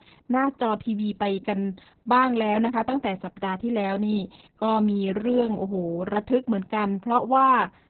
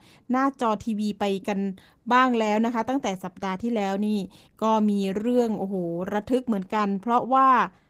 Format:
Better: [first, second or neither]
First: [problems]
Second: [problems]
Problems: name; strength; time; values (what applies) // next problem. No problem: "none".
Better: second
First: garbled, watery; badly; nothing above 4 kHz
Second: garbled, watery; slightly; nothing above 15.5 kHz